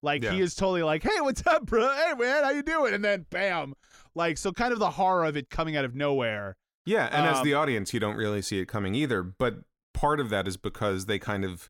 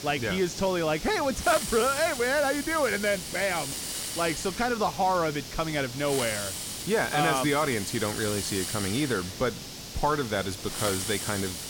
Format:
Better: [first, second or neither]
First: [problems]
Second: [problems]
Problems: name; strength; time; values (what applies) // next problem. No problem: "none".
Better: first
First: none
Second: hiss; loud; throughout; 6 dB below the speech